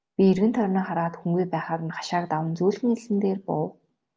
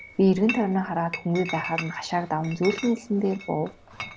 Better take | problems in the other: first | background sound (Chatter / Chink, clink); 13 dB below the speech

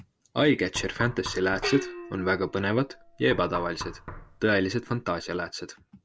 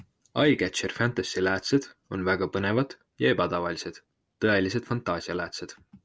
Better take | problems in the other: second | background sound (Knock + Gong); 12 dB below the speech

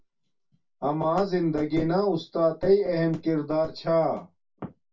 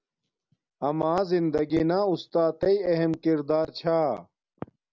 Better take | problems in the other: second | room echo; dies away in 0.2 s

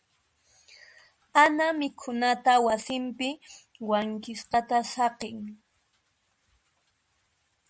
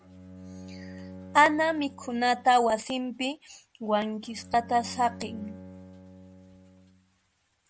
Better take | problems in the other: first | background sound (Bowed string instrument); 18 dB below the speech

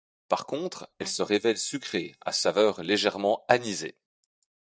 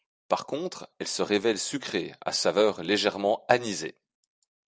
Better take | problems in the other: second | noise reduction (neural mask model DeepFilterNet 3)

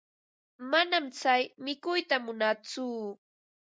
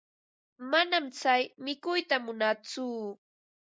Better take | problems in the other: first | noise reduction (neural mask model Resemble Enhance denoiser)

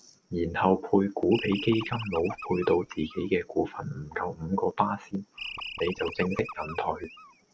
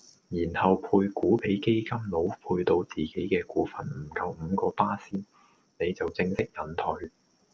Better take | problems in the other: second | background sound (Animal); 12 dB below the speech

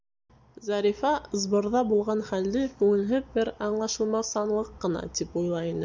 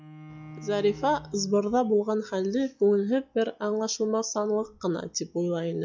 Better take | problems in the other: first | noise reduction (classical method log-MMSE)

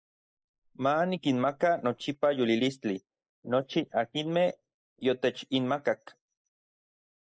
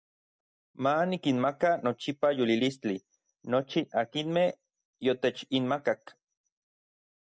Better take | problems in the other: second | noise reduction (neural mask model Resemble Enhance denoiser)

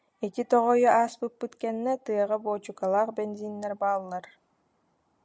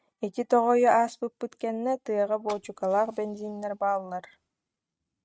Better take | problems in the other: first | noise reduction (neural mask model RNNoise)

